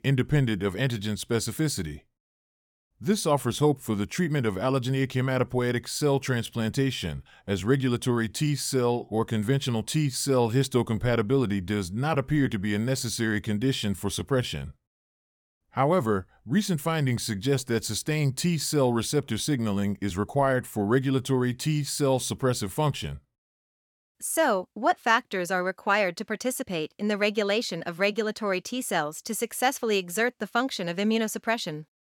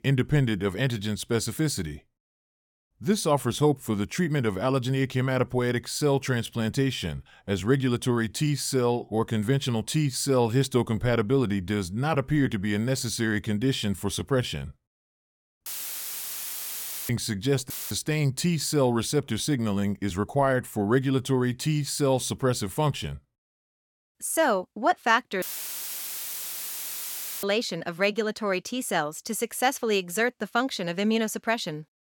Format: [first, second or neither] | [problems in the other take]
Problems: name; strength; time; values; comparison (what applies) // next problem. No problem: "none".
first | audio cutting out; filled with static; at 16 s for 1.5 s, at 18 s and at 25 s for 2 s